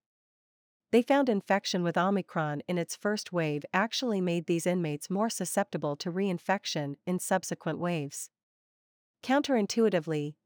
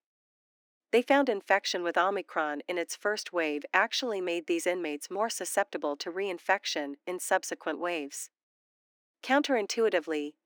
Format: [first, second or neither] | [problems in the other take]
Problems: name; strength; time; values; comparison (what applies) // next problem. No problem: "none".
first | thin; somewhat; fading below 300 Hz